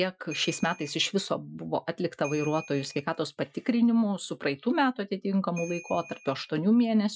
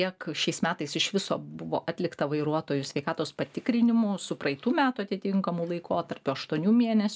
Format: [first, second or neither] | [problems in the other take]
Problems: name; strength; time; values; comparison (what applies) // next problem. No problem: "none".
second | noise reduction (classical method Wiener filter)